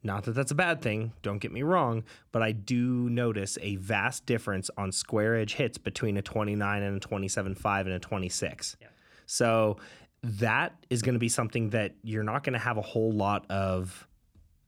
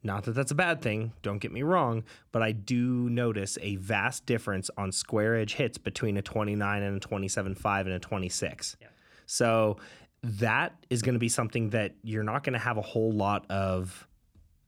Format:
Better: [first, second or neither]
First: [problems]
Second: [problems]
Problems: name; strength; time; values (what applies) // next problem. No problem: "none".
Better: neither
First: none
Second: none